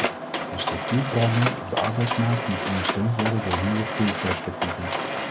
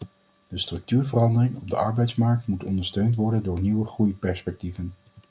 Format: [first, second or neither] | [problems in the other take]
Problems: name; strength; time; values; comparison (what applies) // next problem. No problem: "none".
second | background sound (Mechanisms); 2 dB below the speech